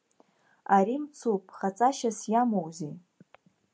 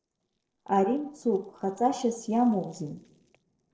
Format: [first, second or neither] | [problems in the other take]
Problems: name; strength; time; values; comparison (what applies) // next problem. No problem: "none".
first | noise reduction (neural separator model SepFormer DNS4)